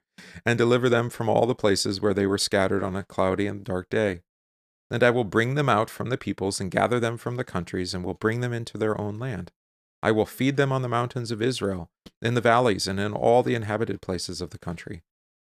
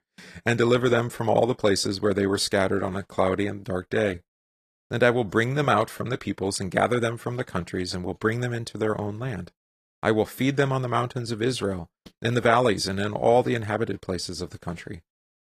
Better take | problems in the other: first | garbled, watery; slightly; nothing above 14.5 kHz

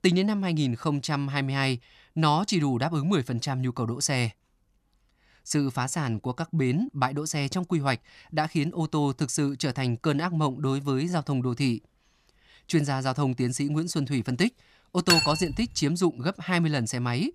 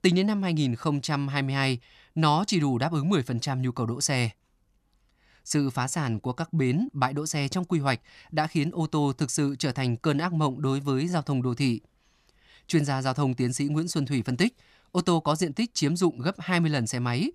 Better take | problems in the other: second | clattering dishes; loud; at 15 s; peak 5 dB above the speech

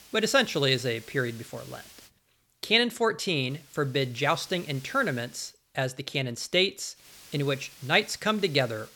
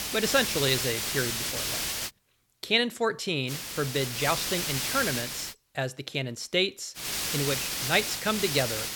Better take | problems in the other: first | hiss; loud; until 2 s, from 3.5 to 5.5 s and from 7 s on; 1 dB below the speech; faint in the first

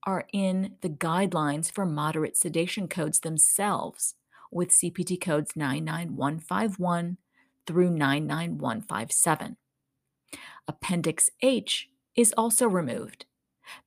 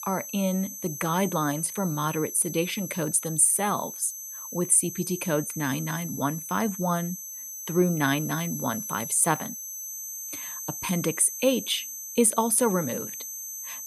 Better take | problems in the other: first | high-pitched whine; loud; throughout; 6.5 kHz, 9 dB below the speech

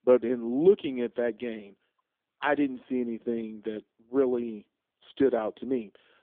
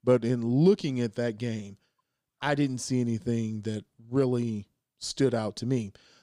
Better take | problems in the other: second | phone-call audio

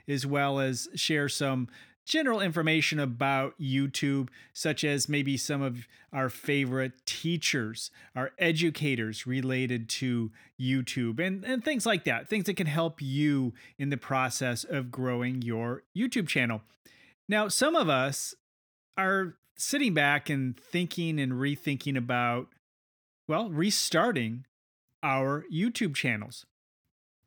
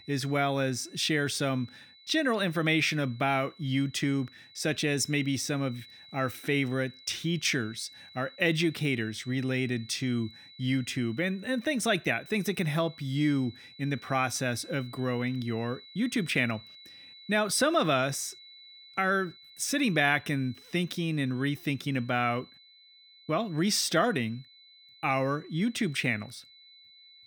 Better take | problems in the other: first | high-pitched whine; faint; throughout; 4 kHz, 20 dB below the speech

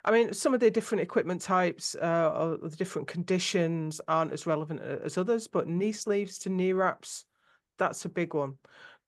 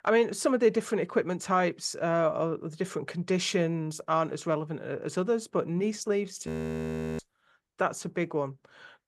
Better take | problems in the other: first | audio freezing; at 6.5 s for 0.5 s

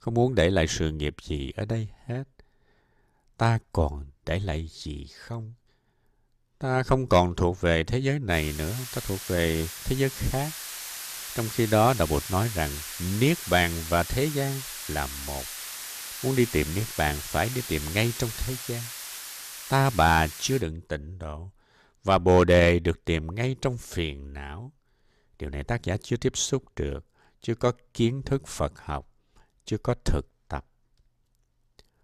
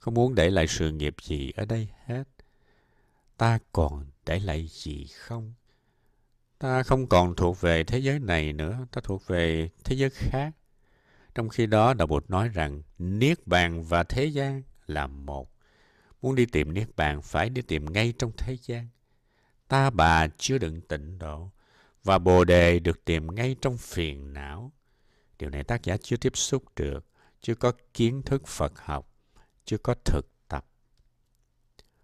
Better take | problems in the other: second | hiss; loud; from 8.5 to 21 s; 9 dB below the speech

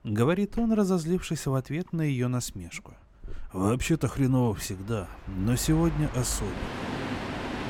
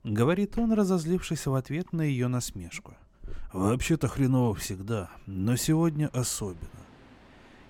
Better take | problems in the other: second | train or aircraft noise; loud; throughout; 8 dB below the speech; faint in the second

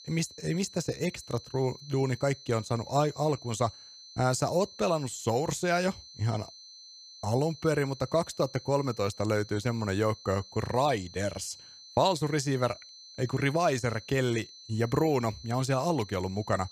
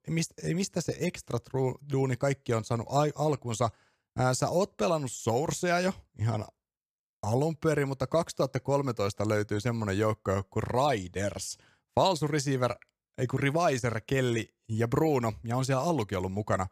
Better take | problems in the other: second | high-pitched whine; noticeable; throughout; 4 kHz, 15 dB below the speech

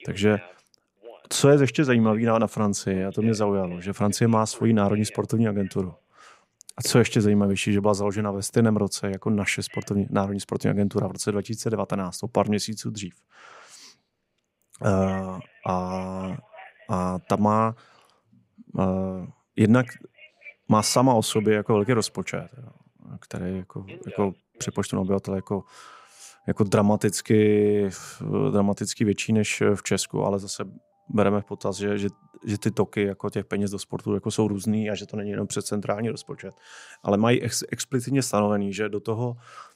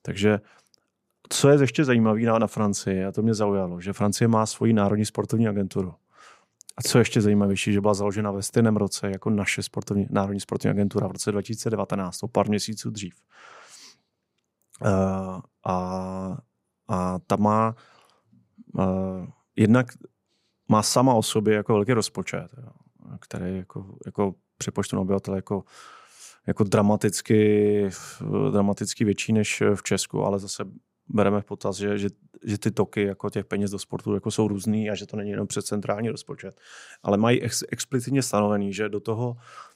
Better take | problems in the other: second | alarms or sirens; faint; throughout; 20 dB below the speech

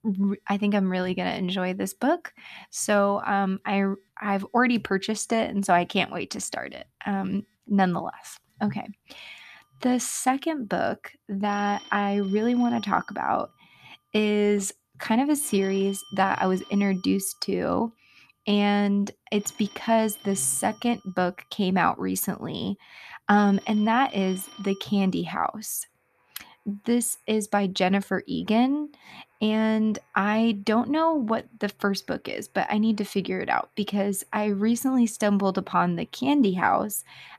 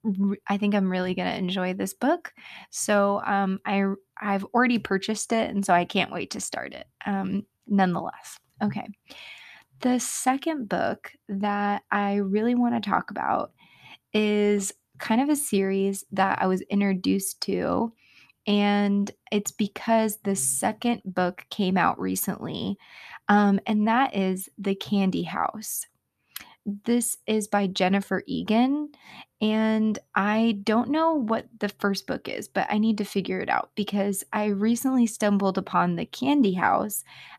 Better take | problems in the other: second | alarms or sirens; faint; throughout; 20 dB below the speech

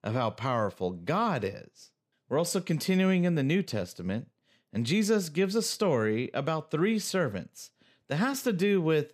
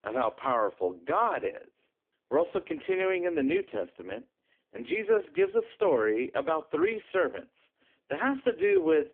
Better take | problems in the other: first | phone-call audio; poor line

